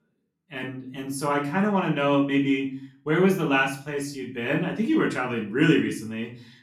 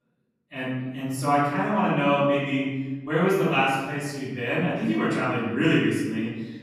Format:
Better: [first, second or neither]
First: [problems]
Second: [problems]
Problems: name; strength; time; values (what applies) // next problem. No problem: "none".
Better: first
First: room echo; slight; dies away in 0.4 s // off-mic speech; far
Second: room echo; strong; dies away in 1.1 s // off-mic speech; far